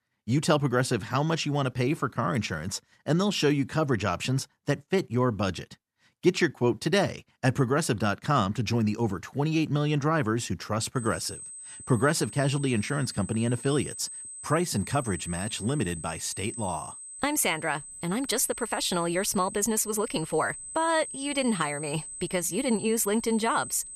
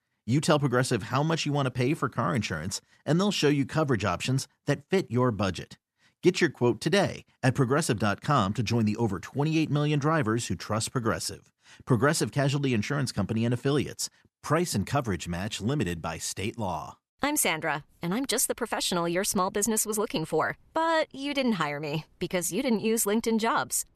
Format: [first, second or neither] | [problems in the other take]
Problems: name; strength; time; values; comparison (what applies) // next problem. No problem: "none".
second | high-pitched whine; noticeable; from 11 s on; 8 kHz, 10 dB below the speech